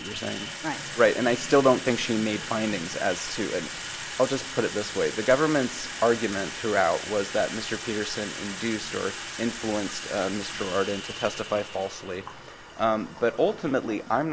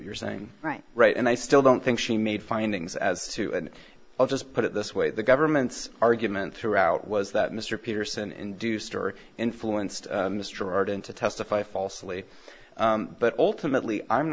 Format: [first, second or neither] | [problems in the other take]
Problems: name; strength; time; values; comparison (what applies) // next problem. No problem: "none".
second | background sound (Sink (filling or washing) / Water tap, faucet); 10 dB below the speech